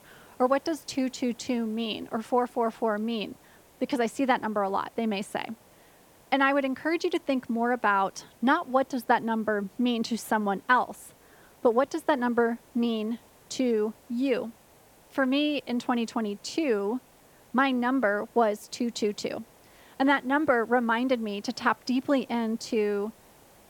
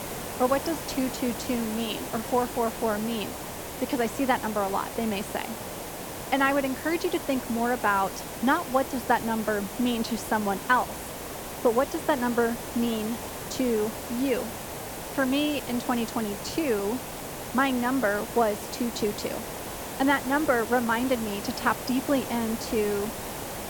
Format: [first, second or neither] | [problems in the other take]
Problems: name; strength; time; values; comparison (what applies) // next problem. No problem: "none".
first | hiss; loud; throughout; 8 dB below the speech; faint in the first